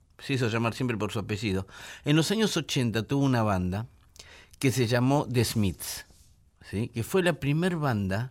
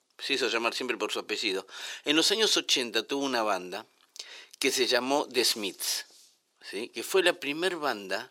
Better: first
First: none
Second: thin; somewhat; fading below 350 Hz

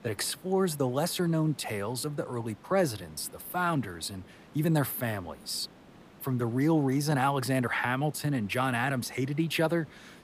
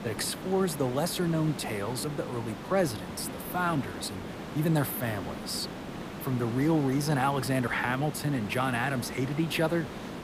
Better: first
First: hiss; faint; throughout; 25 dB below the speech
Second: hiss; loud; throughout; 9 dB below the speech

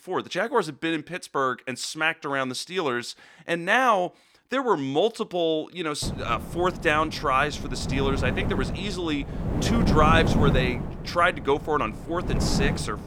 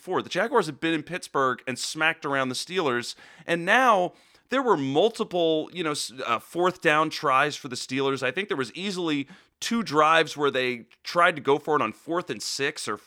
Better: second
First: wind noise on the microphone; heavy; from 6 s on; 9 dB below the speech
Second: none

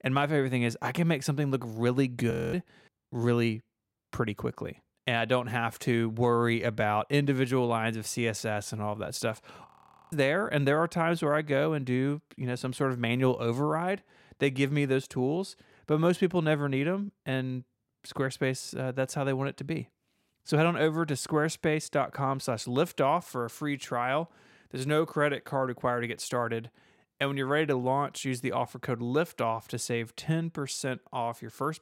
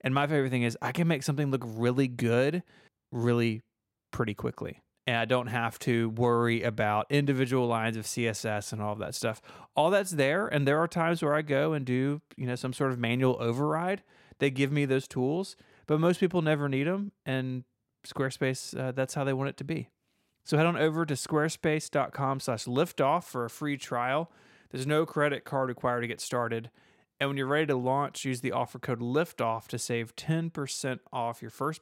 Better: second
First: audio freezing; at 2.5 s and at 9.5 s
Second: none

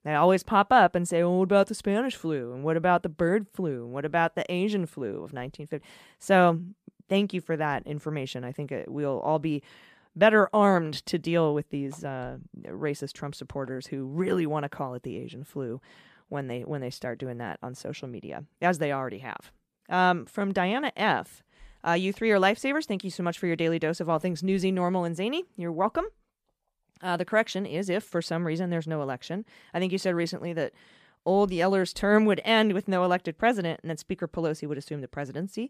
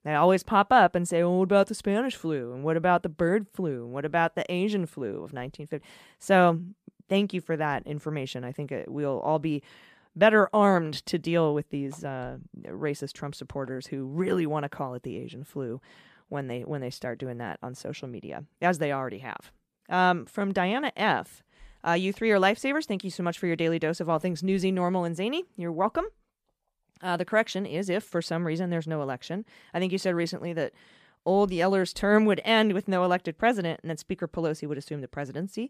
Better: neither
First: none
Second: none

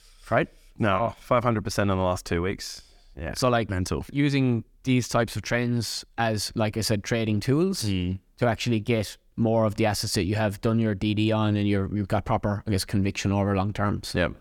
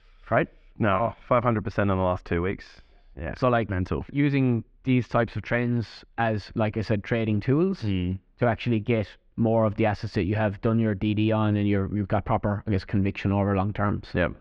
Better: first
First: none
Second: muffled; very; fading above 2.5 kHz

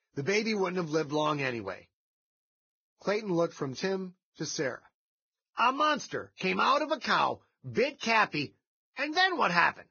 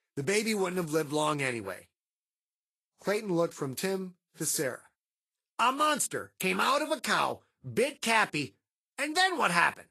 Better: second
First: garbled, watery; badly; nothing above 6.5 kHz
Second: garbled, watery; slightly; nothing above 12.5 kHz

